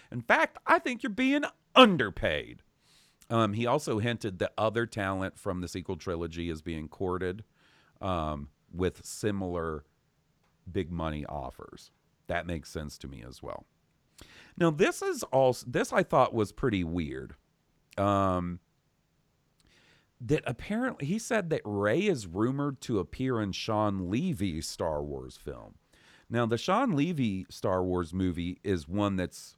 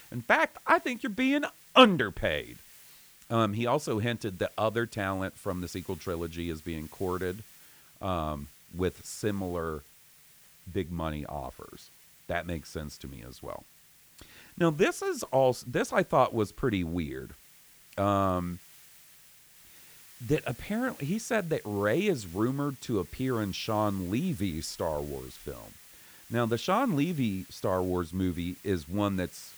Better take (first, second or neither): first